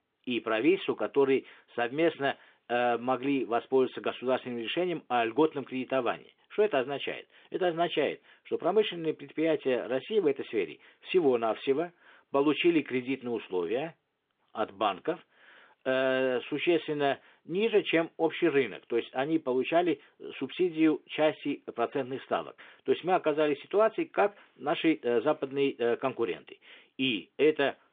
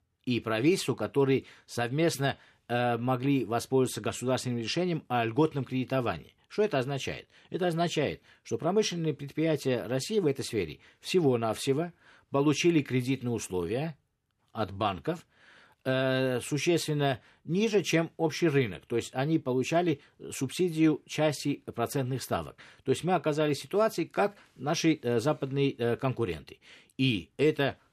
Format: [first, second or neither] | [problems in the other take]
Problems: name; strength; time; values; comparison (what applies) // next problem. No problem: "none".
second | phone-call audio